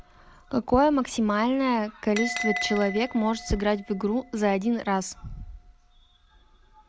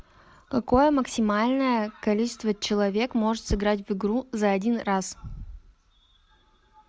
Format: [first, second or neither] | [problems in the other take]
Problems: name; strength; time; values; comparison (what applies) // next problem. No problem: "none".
second | background sound (Bell); 13 dB below the speech